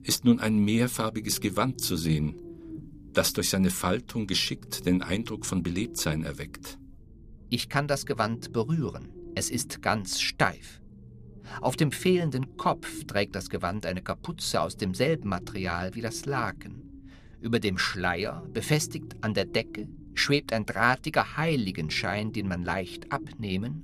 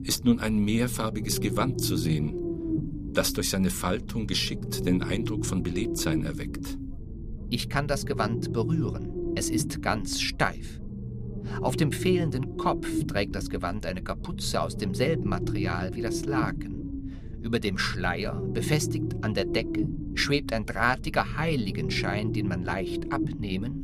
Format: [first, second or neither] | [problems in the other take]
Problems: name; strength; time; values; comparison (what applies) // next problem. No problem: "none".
first | low rumble; loud; throughout; 8 dB below the speech; faint in the first